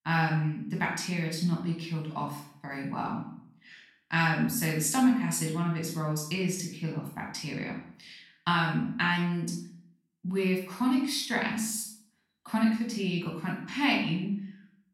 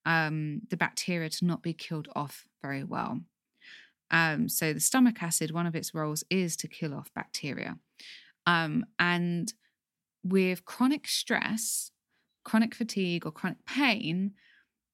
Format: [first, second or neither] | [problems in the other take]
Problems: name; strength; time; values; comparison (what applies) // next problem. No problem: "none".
second | off-mic speech; far // room echo; noticeable; dies away in 0.5 s